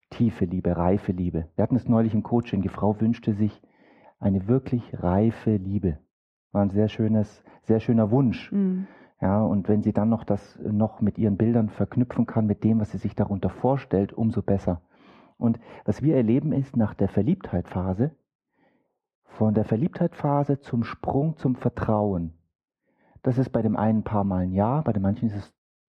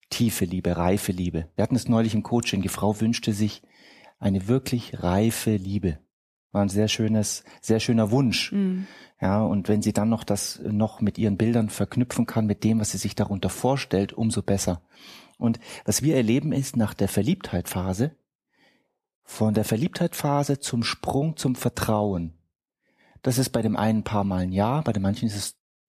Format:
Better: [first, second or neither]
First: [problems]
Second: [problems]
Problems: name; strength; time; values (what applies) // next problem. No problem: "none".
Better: second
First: muffled; very; fading above 4 kHz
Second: none